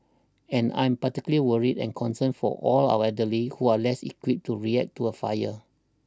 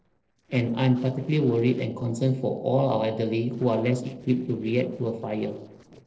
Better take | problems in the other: first | noise reduction (neural separator model SepFormer DNS4)

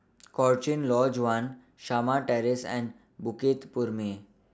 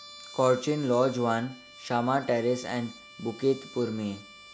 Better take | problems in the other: first | background sound (Trumpet); 19 dB below the speech

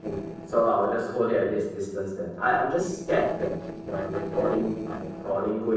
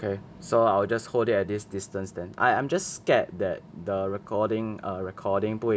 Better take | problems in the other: second | noise reduction (neural separator model SepFormer DNS4)

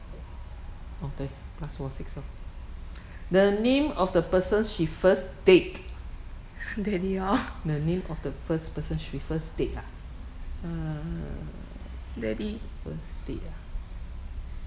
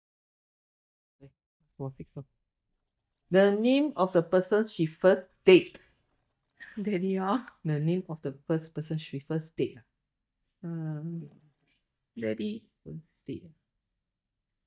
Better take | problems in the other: first | noise reduction (neural mask model DeepFilterNet 3)

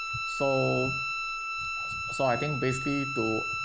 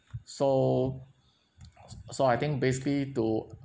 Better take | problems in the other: second | background sound (Bowed string instrument); 2 dB below the speech

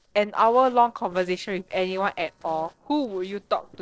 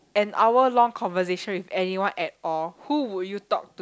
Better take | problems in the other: second | noise reduction (neural separator model SepFormer DNS4)

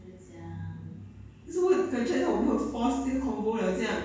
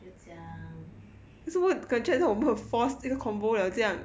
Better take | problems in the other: second | room echo; dies away in 0.6 s

